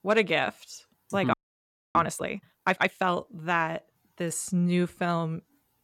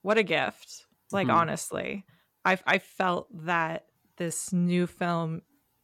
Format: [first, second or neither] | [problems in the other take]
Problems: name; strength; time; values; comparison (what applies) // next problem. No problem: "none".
second | audio freezing; at 1.5 s for 0.5 s